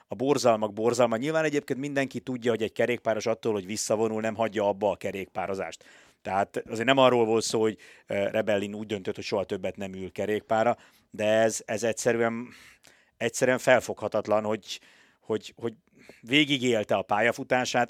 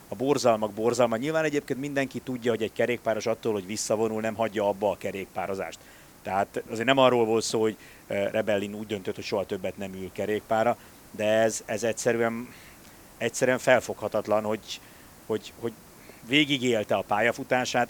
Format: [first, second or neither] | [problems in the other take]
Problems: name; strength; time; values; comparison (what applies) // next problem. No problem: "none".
first | hiss; faint; throughout; 25 dB below the speech